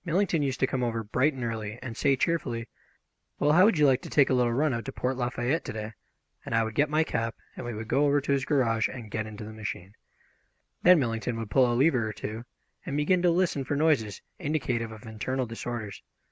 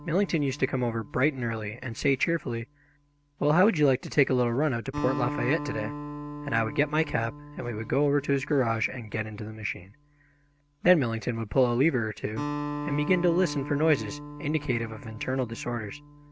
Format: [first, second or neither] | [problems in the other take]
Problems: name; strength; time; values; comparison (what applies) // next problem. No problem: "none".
first | background sound (Acoustic guitar); 11 dB below the speech